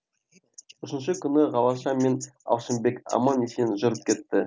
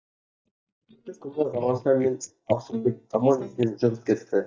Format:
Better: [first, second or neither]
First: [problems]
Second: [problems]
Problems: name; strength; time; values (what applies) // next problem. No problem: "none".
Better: first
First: none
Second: noise reduction (neural mask model DeepFilterNet 3)